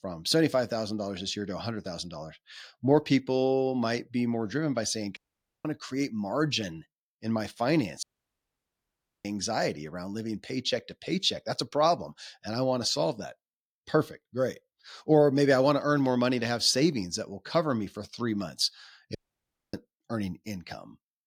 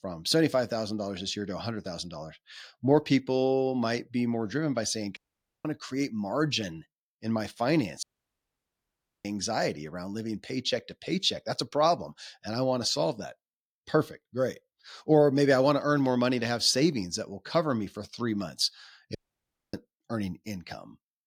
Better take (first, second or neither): neither